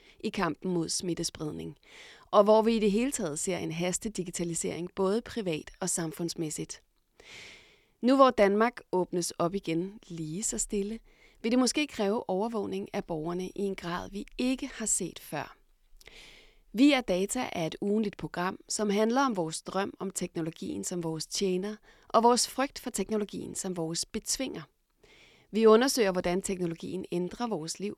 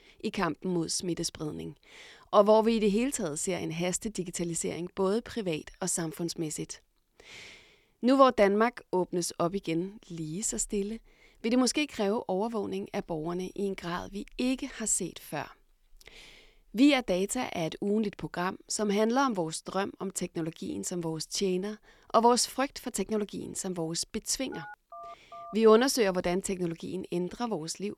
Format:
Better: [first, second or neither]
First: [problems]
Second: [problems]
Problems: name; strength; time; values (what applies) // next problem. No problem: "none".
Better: first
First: none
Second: phone ringing; faint; from 25 to 26 s; peak 15 dB below the speech